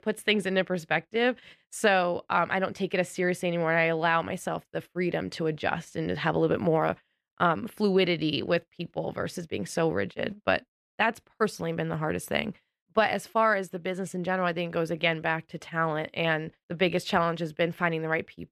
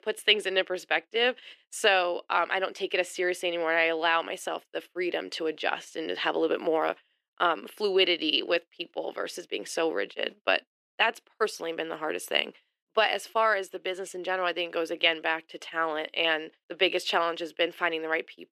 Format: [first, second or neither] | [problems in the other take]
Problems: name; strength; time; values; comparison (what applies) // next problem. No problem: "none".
first | thin; very; fading below 350 Hz